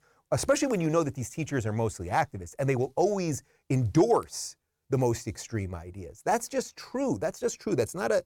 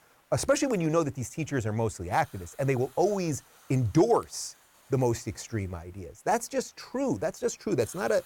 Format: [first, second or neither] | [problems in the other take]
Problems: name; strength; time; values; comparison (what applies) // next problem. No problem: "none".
first | hiss; faint; throughout; 30 dB below the speech